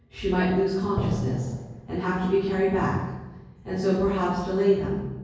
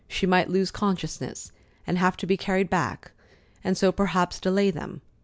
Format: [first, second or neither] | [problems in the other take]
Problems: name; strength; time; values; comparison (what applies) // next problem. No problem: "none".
second | background sound (Drum); 6 dB below the speech // room echo; dies away in 1.3 s